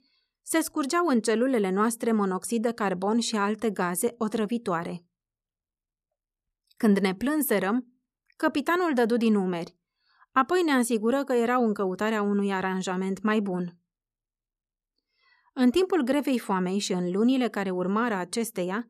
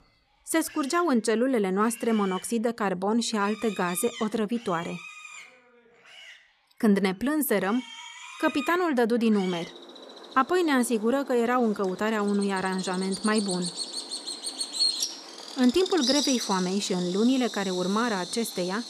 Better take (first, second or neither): first